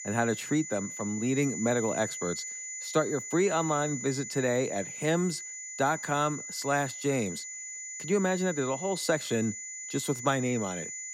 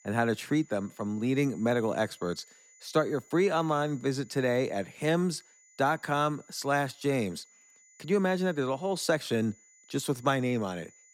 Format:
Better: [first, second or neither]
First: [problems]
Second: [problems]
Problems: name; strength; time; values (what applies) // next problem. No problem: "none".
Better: second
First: high-pitched whine; loud; throughout; 7 kHz, 7 dB below the speech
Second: high-pitched whine; faint; throughout; 7 kHz, 25 dB below the speech